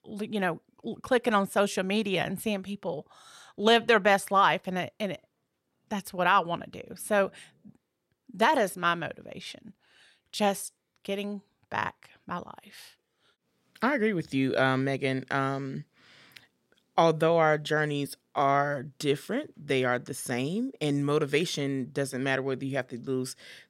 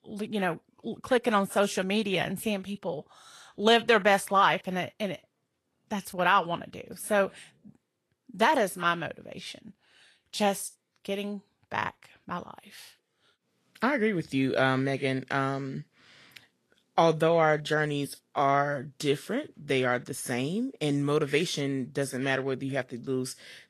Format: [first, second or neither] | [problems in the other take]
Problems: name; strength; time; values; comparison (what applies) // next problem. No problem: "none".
first | garbled, watery; slightly; nothing above 12.5 kHz